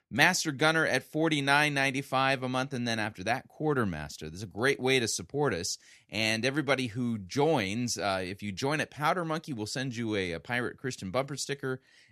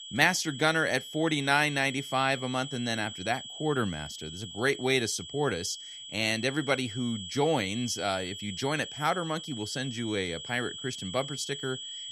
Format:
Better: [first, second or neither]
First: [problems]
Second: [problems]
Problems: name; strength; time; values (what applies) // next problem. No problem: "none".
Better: first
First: none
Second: high-pitched whine; loud; throughout; 3.5 kHz, 10 dB below the speech